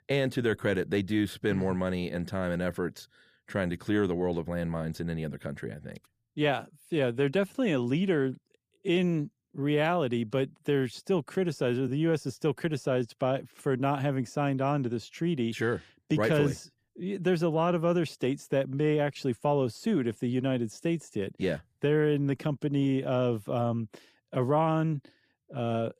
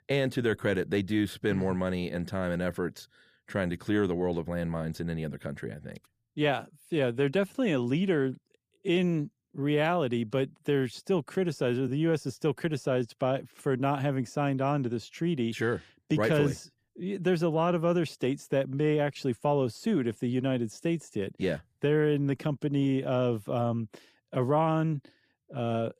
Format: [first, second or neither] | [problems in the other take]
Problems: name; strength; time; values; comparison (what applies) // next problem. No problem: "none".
neither | none